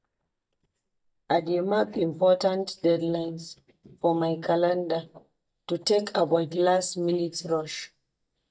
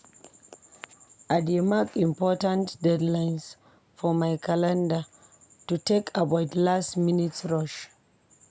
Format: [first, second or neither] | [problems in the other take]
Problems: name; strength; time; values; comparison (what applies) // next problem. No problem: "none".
second | noise reduction (neural mask model DeepFilterNet 3)